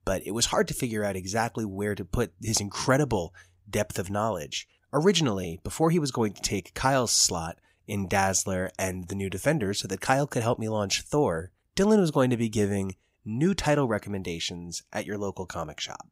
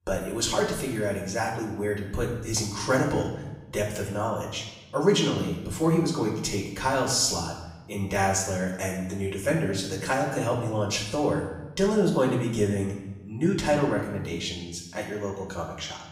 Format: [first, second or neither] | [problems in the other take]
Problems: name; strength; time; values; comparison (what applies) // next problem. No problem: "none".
first | off-mic speech; far // room echo; noticeable; dies away in 0.9 s